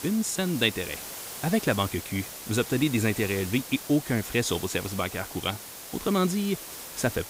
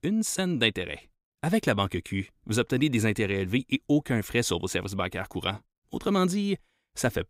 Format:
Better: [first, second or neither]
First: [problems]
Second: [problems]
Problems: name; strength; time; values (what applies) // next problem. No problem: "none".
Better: second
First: hiss; loud; throughout; 10 dB below the speech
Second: none